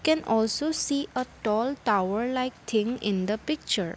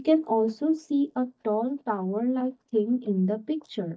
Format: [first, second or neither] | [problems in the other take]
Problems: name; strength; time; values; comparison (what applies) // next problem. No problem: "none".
first | noise reduction (neural mask model DeepFilterNet 3)